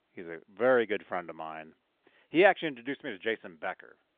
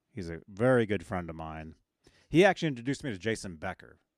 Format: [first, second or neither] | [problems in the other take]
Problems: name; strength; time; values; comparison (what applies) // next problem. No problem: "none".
second | phone-call audio; nothing above 3 kHz